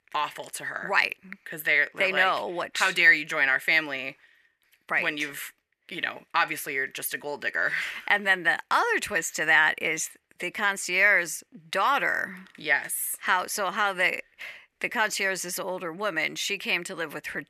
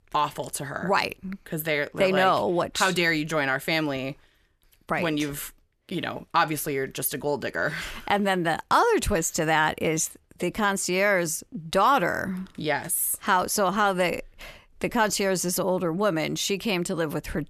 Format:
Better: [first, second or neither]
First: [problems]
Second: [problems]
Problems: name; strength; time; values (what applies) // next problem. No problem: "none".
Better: second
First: thin; somewhat; fading below 500 Hz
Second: none